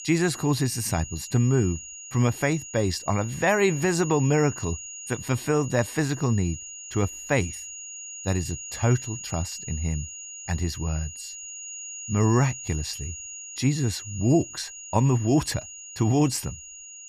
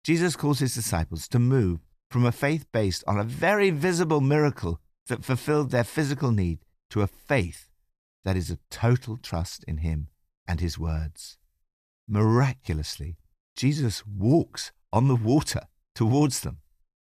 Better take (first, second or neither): second